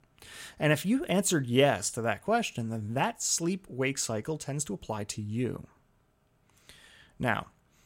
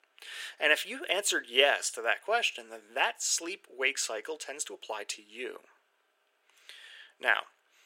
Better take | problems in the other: first | thin; very; fading below 400 Hz

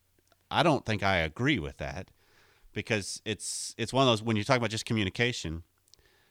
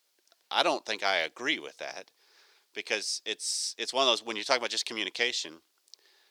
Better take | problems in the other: first | thin; very; fading below 400 Hz

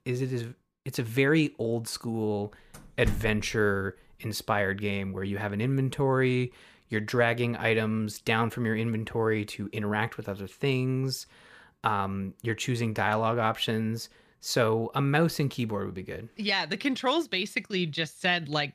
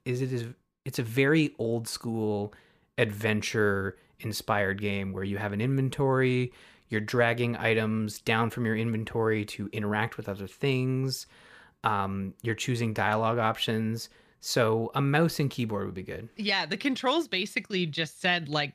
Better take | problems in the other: second | door banging; noticeable; at 3 s; peak 7 dB below the speech

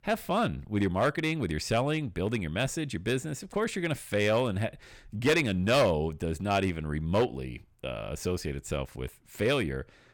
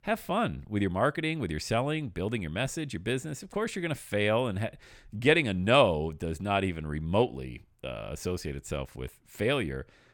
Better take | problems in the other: second | distortion; slight; 3% of the sound clipped

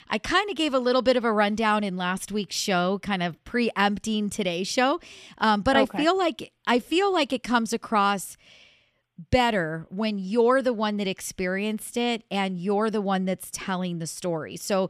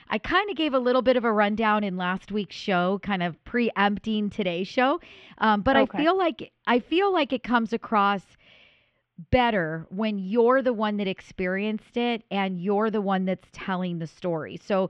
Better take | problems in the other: first | muffled; slightly; fading above 3 kHz

